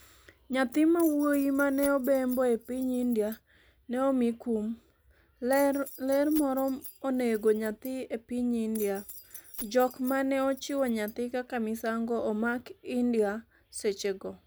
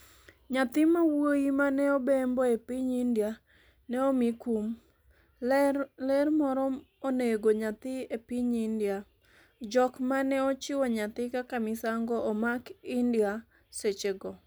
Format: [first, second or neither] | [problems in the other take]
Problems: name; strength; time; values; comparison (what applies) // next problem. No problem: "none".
second | background sound (Keys jangling); 17 dB below the speech